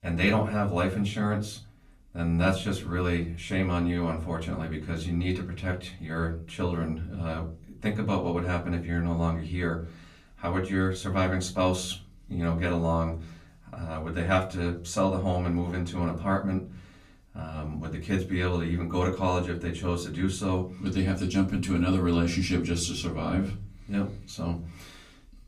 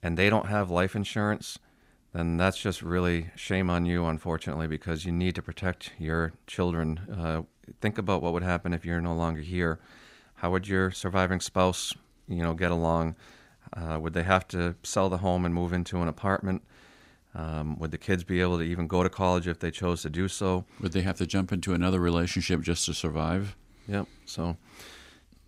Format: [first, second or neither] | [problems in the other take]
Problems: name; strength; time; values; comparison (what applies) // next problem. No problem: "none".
second | off-mic speech; far // room echo; very slight; dies away in 0.4 s